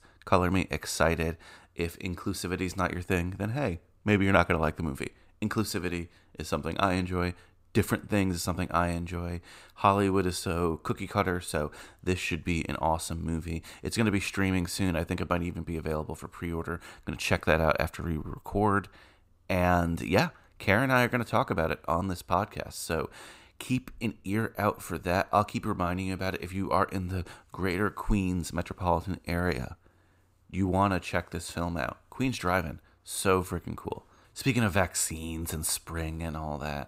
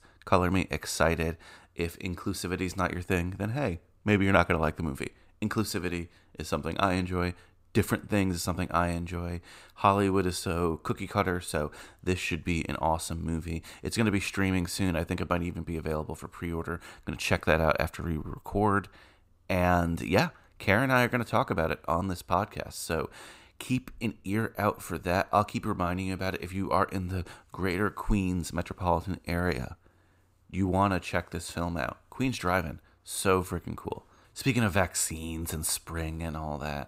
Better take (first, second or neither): neither